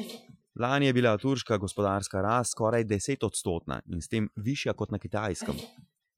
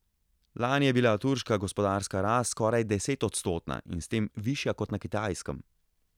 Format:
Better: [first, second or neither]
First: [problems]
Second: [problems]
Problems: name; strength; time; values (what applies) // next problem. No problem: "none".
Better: second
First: noise reduction (classical method Wiener filter)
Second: none